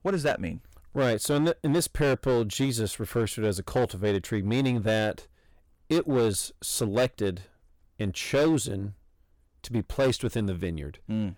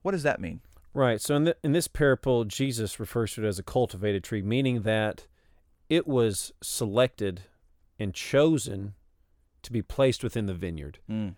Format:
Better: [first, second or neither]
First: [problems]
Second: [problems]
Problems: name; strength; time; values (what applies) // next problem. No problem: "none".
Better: second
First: distortion; slight; 7% of the sound clipped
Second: none